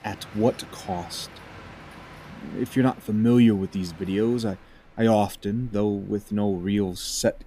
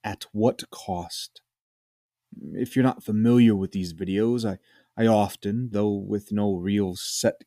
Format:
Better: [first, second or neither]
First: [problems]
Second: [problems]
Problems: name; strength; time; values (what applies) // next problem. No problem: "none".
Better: second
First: train or aircraft noise; faint; throughout; 20 dB below the speech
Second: none